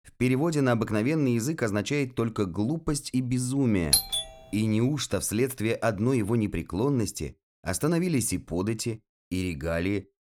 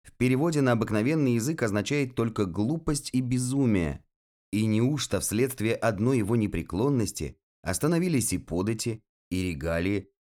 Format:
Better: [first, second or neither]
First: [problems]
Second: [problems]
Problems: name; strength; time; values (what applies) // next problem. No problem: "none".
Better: second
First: doorbell; loud; at 4 s; peak 5 dB above the speech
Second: none